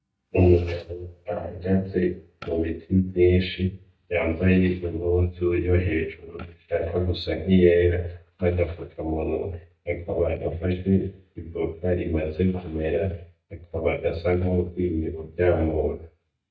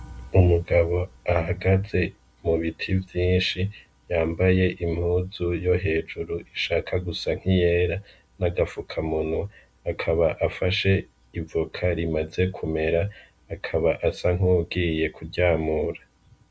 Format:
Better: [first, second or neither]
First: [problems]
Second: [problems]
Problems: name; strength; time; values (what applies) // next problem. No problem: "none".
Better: second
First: noise reduction (neural mask model DeepFilterNet 3)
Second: none